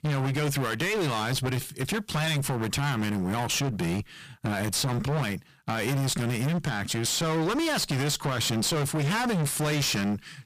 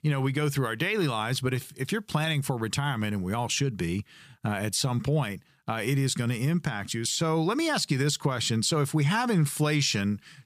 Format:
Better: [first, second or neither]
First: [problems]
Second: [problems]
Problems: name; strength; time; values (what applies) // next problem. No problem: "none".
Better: second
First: distortion; heavy; 40% of the sound clipped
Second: none